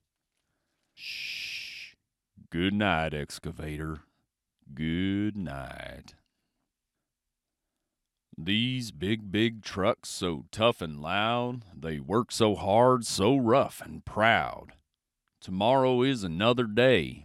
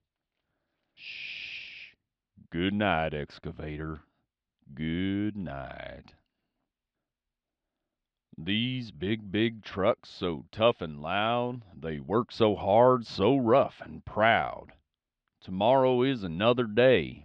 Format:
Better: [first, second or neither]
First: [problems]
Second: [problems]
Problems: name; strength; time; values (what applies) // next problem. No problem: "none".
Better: first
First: none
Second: muffled; slightly; fading above 4 kHz